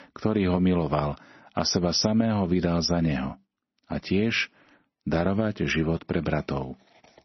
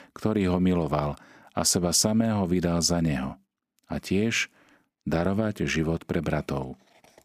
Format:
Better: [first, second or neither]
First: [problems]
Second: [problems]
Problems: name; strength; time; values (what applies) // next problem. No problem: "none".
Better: second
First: garbled, watery; slightly; nothing above 6 kHz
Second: none